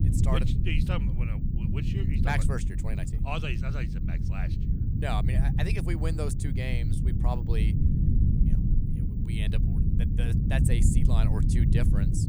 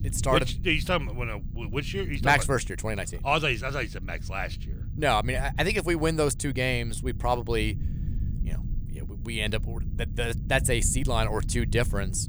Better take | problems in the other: second | low rumble; loud; throughout; 3 dB below the speech; faint in the second

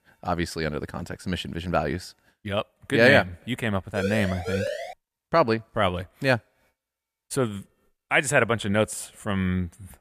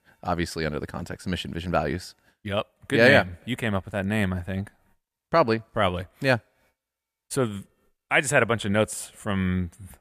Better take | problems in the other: second | siren; noticeable; at 4 s; peak 5 dB below the speech

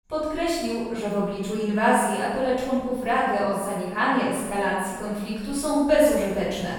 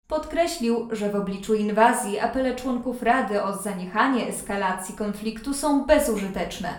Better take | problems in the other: second | room echo; strong; dies away in 1.3 s; slight in the second // off-mic speech; far; somewhat distant in the second

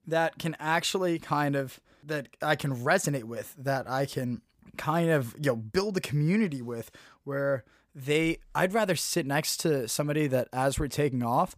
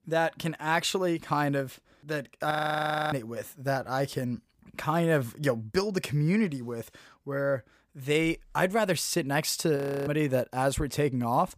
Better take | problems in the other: first | audio freezing; at 2.5 s for 0.5 s and at 10 s

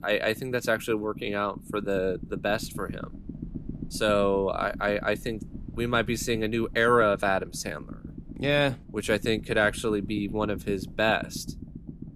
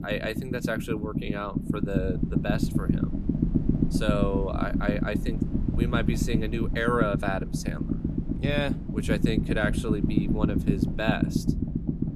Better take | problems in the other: first | low rumble; loud; throughout; 4 dB below the speech; faint in the first

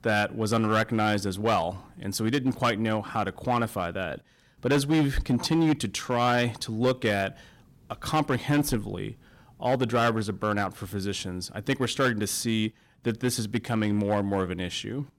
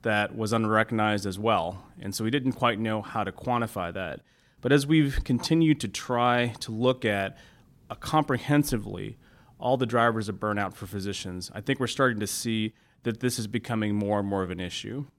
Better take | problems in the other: second | distortion; slight; 5% of the sound clipped

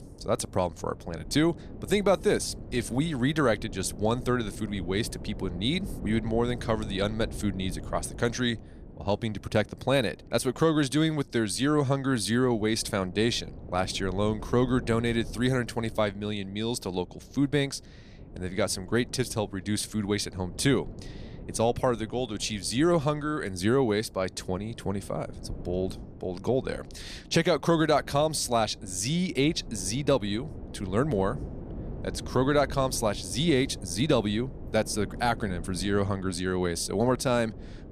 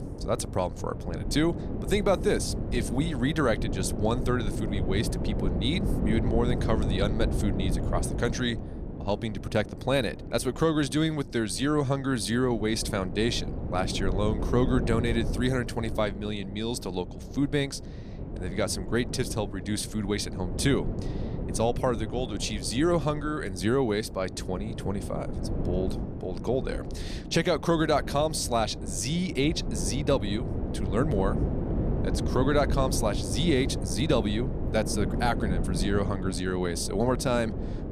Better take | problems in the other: first | wind noise on the microphone; heavy; 10 dB below the speech; occasional gusts in the first

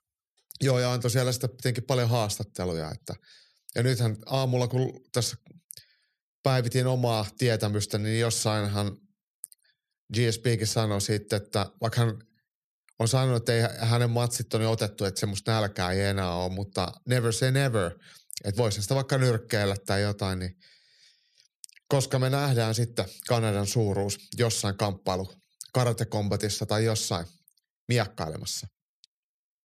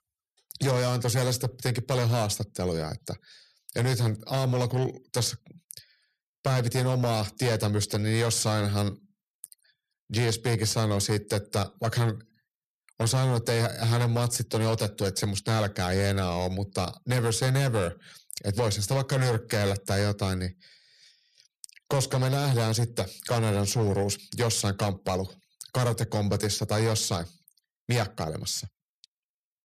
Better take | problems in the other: first | distortion; slight; 7% of the sound clipped

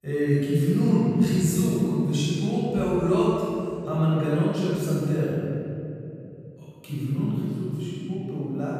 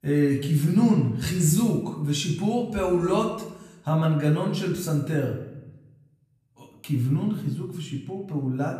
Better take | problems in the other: second | room echo; strong; dies away in 2.8 s; slight in the second // off-mic speech; far; far in the second

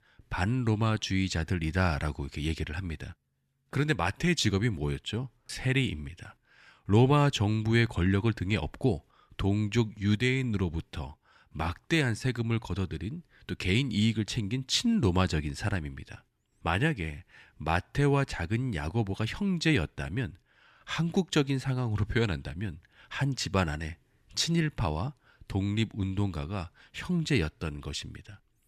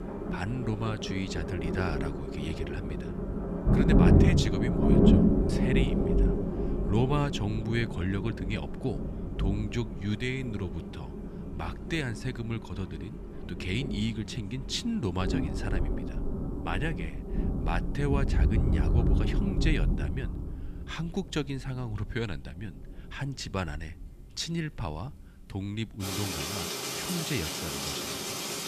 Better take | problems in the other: first | rain or running water; very loud; throughout; 5 dB above the speech

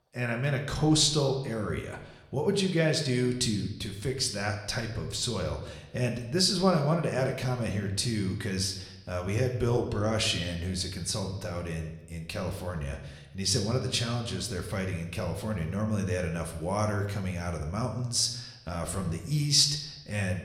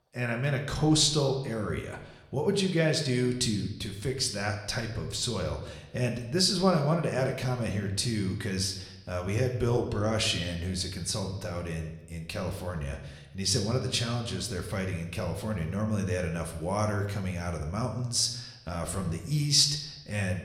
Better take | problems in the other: neither | room echo; slight; dies away in 0.8 s; the same in both

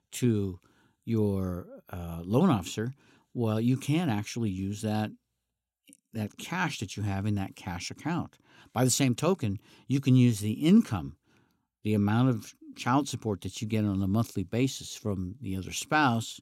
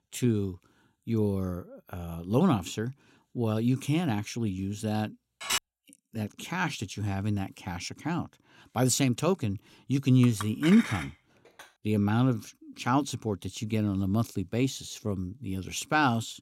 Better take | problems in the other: first | clattering dishes; noticeable; at 5.5 s and from 10 to 12 s; peak 1 dB below the speech

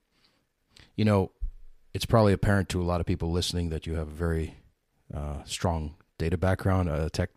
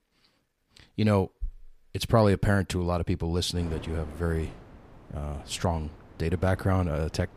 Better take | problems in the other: first | wind noise on the microphone; occasional gusts; from 3.5 s on; 20 dB below the speech

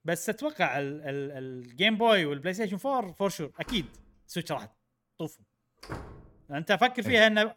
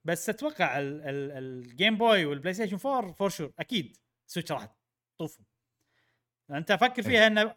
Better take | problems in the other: second | door banging; faint; from 3.5 to 6.5 s; peak 15 dB below the speech

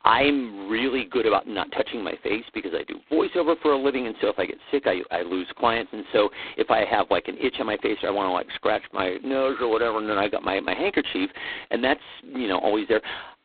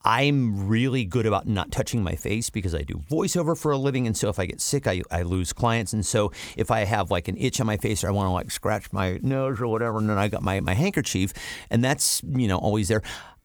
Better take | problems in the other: second | phone-call audio; poor line; nothing above 4 kHz

